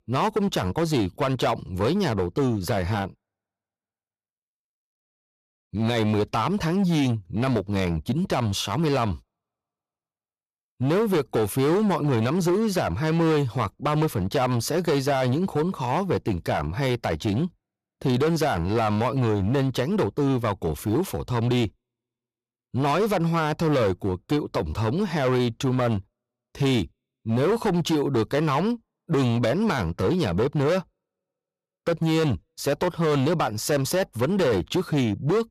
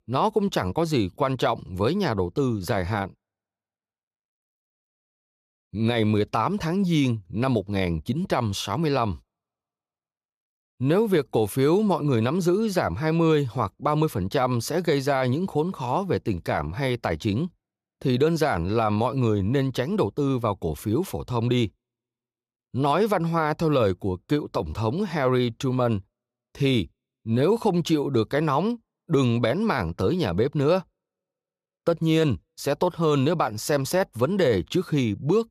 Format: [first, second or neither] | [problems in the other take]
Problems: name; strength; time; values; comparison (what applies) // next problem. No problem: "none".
second | distortion; slight; 13% of the sound clipped